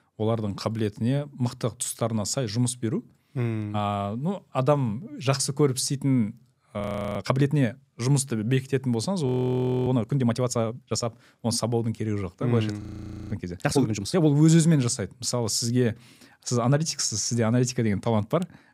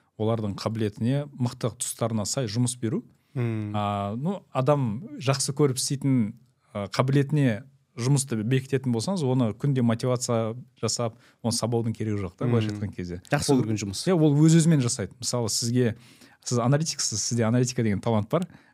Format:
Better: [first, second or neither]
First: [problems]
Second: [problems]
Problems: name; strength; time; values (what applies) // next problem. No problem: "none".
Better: second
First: audio freezing; at 7 s, at 9.5 s for 0.5 s and at 13 s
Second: none